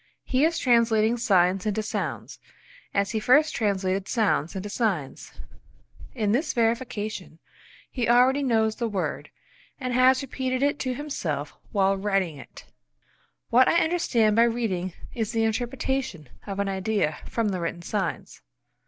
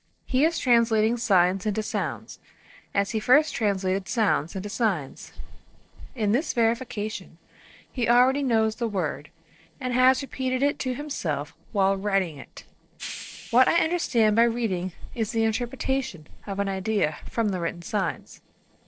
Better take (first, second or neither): first